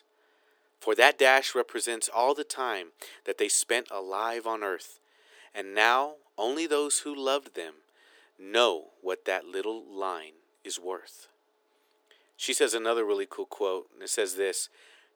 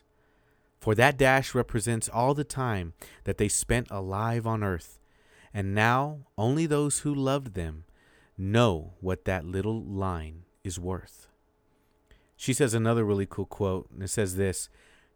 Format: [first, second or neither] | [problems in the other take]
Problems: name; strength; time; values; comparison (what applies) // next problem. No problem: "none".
second | thin; very; fading below 350 Hz